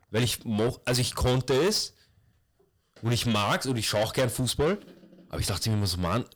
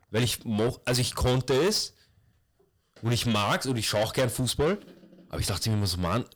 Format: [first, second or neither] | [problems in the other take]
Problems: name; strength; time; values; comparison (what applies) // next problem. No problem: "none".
neither | distortion; heavy; 7 dB below the speech; the same in both